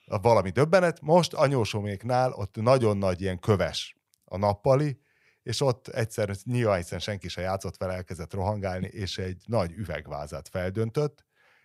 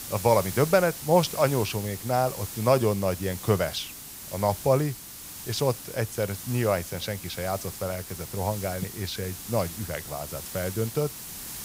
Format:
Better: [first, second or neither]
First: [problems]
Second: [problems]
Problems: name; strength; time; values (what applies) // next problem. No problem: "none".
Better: first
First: none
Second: hiss; loud; throughout; 9 dB below the speech